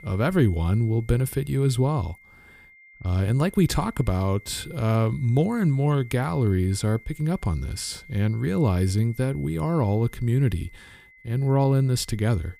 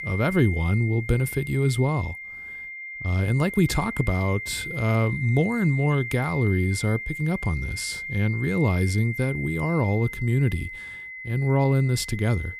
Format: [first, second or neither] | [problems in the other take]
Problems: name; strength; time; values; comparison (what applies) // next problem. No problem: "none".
first | high-pitched whine; loud; throughout; 2 kHz, 8 dB below the speech; faint in the first